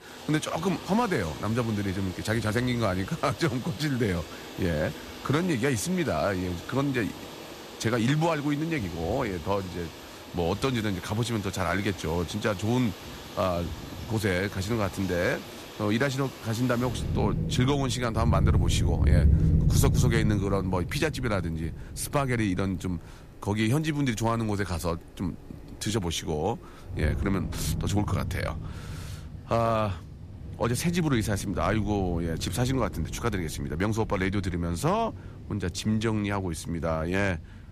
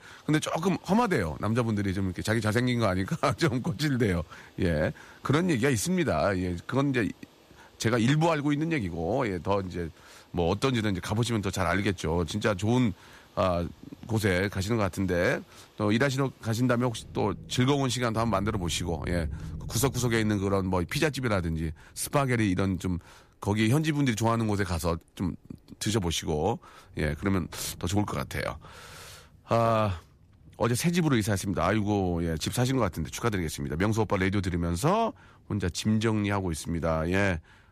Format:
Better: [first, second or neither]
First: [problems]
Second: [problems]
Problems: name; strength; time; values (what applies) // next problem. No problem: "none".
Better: second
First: rain or running water; loud; throughout; 5 dB below the speech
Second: rain or running water; faint; throughout; 20 dB below the speech